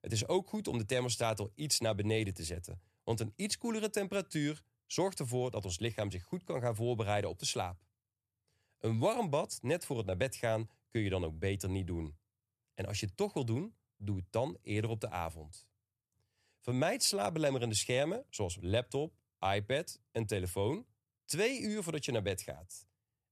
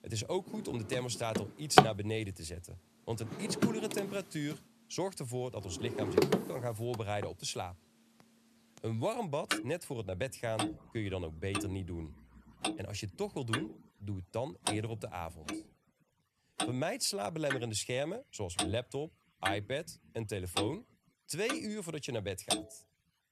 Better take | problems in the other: first | household noises; very loud; throughout; 2 dB above the speech

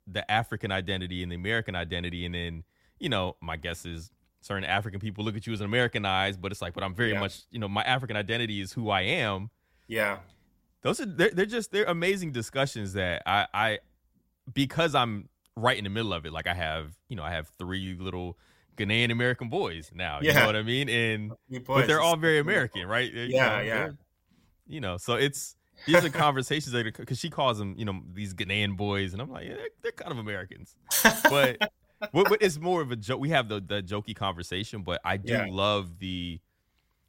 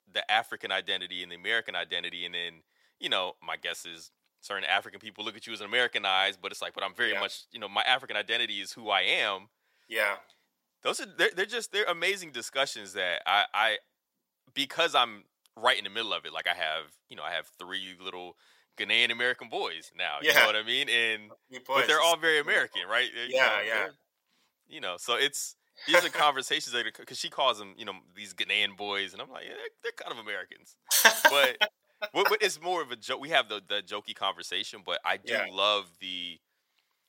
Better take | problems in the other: first | thin; very; fading below 550 Hz

